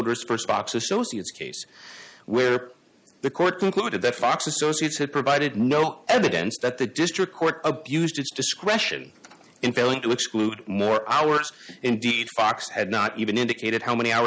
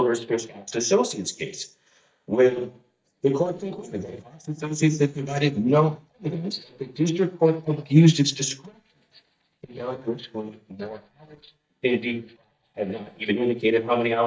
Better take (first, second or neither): first